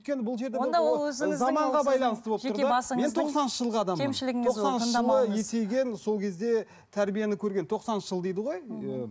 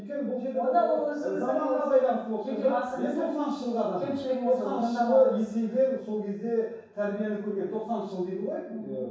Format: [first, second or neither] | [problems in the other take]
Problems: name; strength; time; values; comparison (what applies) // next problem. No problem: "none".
first | room echo; dies away in 0.7 s